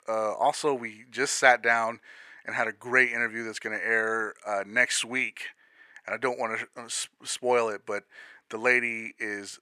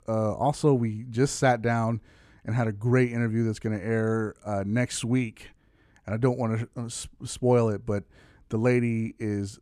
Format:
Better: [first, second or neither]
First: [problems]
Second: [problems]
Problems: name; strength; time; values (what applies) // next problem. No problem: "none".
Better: second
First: thin; very; fading below 600 Hz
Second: none